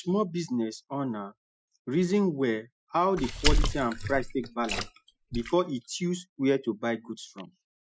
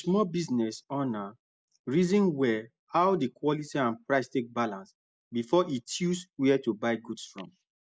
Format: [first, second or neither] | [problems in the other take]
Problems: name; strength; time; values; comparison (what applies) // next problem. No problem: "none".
second | noise reduction (classical method Wiener filter)